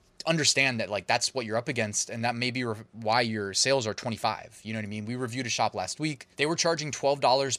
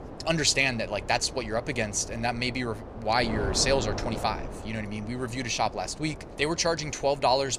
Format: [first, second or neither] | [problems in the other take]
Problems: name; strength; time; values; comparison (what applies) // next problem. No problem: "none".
first | wind noise on the microphone; occasional gusts; 15 dB below the speech